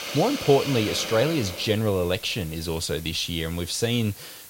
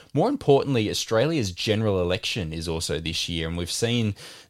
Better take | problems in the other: second | hiss; noticeable; throughout; 10 dB below the speech

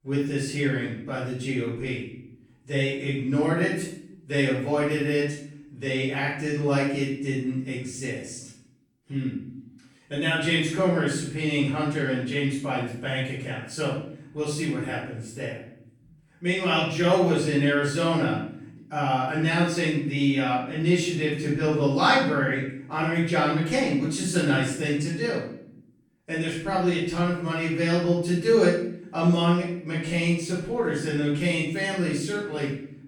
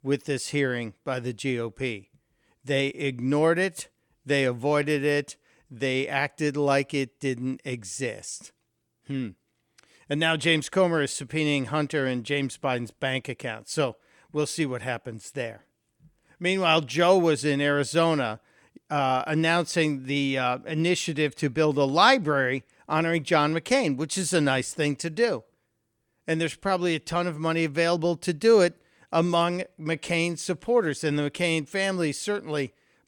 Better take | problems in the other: second | room echo; noticeable; dies away in 0.7 s // off-mic speech; far

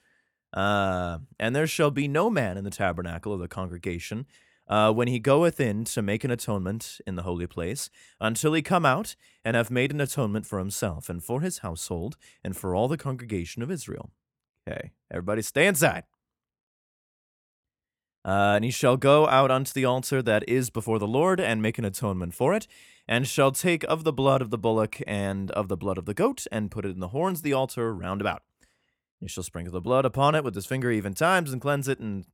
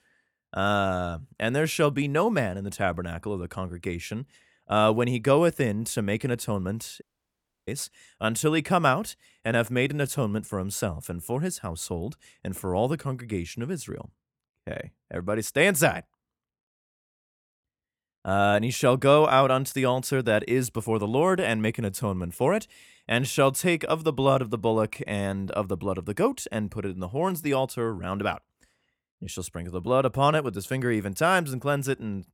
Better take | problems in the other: first | audio cutting out; at 7 s for 0.5 s

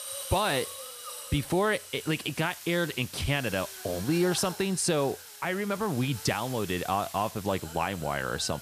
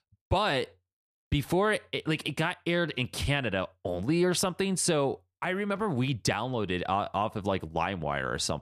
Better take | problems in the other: second | hiss; noticeable; throughout; 10 dB below the speech

